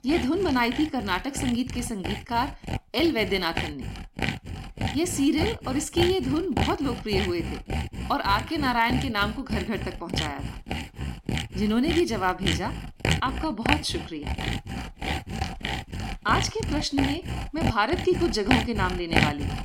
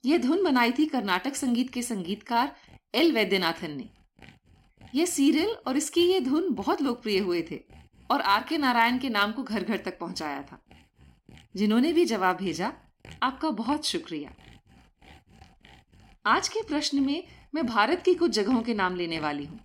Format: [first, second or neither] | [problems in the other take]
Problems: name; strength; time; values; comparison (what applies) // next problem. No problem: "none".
second | machinery noise; loud; throughout; 4 dB below the speech; faint in the second